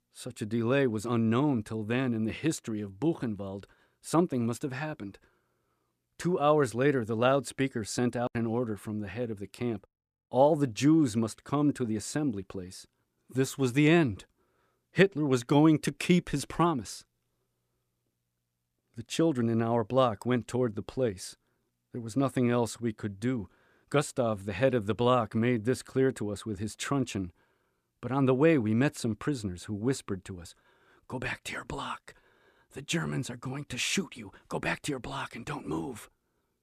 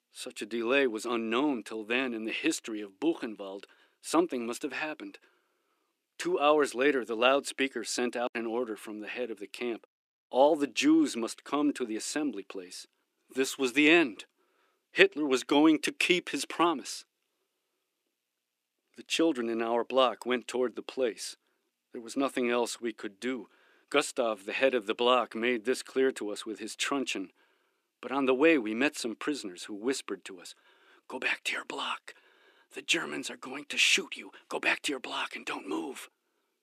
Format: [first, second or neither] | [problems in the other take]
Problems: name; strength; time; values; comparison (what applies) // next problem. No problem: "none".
first | thin; very slightly; fading below 300 Hz